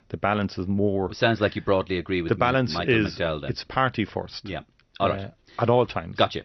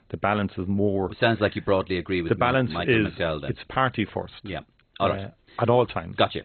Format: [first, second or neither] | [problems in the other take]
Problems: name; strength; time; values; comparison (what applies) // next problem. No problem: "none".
first | garbled, watery; badly; nothing above 4 kHz; slightly in the first